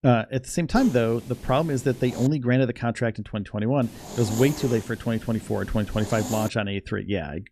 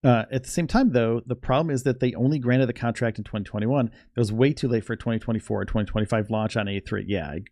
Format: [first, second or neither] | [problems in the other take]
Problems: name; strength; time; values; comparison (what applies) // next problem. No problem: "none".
second | hiss; noticeable; from 1 to 2.5 s and from 4 to 6.5 s; 15 dB below the speech